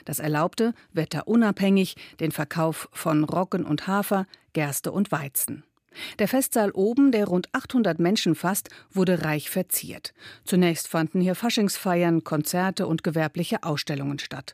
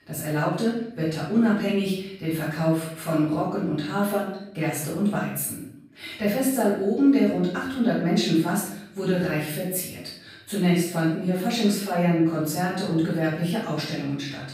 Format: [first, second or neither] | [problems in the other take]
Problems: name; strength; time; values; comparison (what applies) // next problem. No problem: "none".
first | room echo; noticeable; dies away in 0.6 s // off-mic speech; far